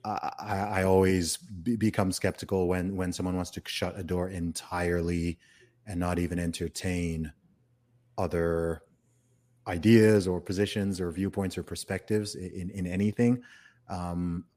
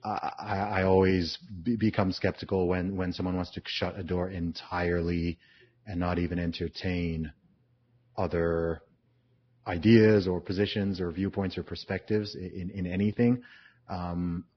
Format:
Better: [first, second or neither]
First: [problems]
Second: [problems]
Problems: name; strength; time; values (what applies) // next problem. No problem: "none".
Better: first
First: none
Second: garbled, watery; badly; nothing above 5.5 kHz